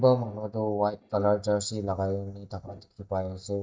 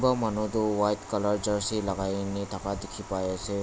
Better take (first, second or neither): second